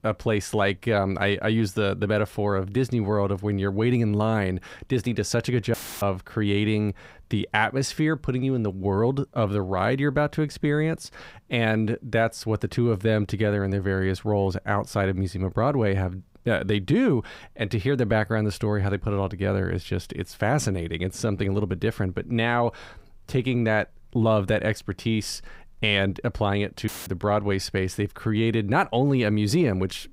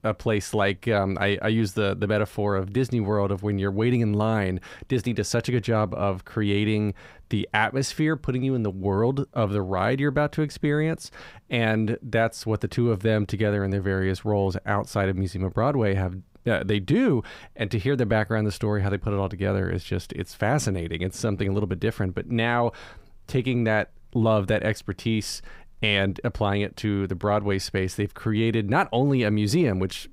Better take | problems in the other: second | audio cutting out; filled with static; at 5.5 s and at 27 s

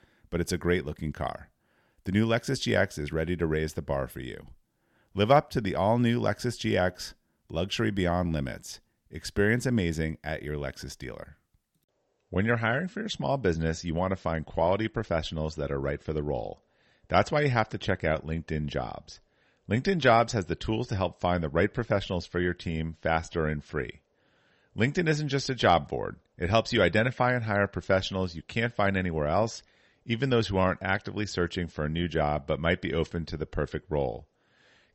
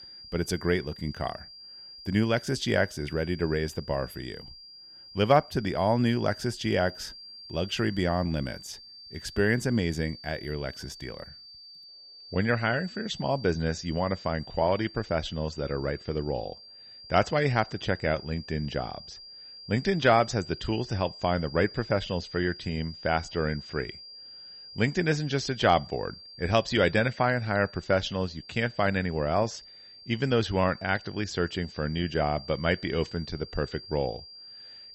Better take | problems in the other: first | high-pitched whine; noticeable; throughout; 5 kHz, 15 dB below the speech

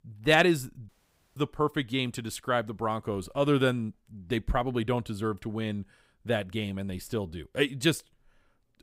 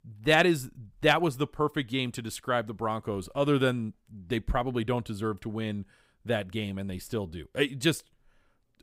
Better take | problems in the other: second | audio cutting out; at 1 s

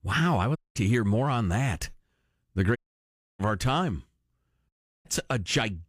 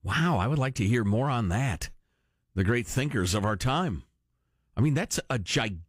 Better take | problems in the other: second | audio cutting out; at 0.5 s, at 3 s for 0.5 s and at 4.5 s

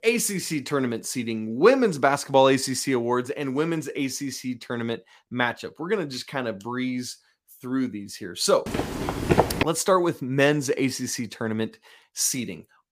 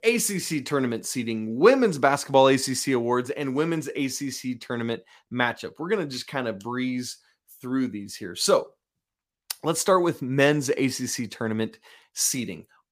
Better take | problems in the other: second | footsteps; loud; at 8.5 s; peak 3 dB above the speech

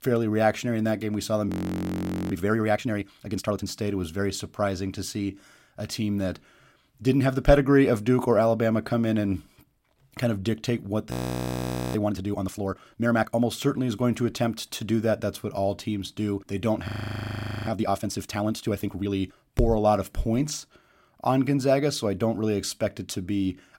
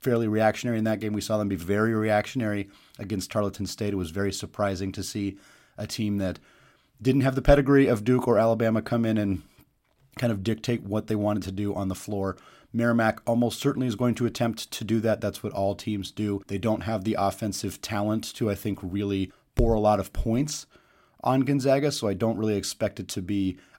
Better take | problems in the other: second | audio freezing; at 1.5 s for 1 s, at 11 s for 1 s and at 17 s for 1 s

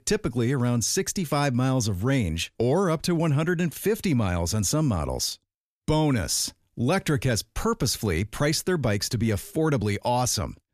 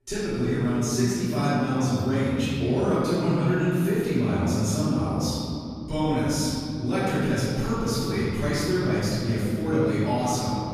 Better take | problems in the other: first | off-mic speech; far // room echo; strong; dies away in 2.7 s

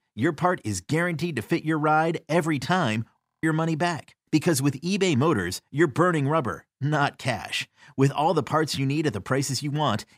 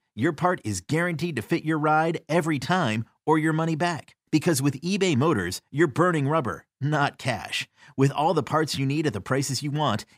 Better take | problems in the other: second | audio freezing; at 3 s

